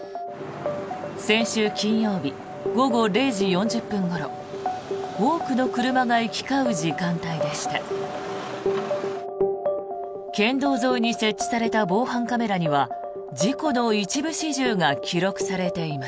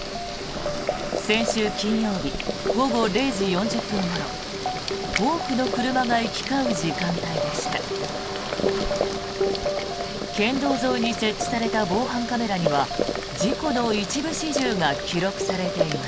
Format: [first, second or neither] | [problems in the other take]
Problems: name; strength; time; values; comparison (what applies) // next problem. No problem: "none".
first | background sound (Boiling); 5 dB below the speech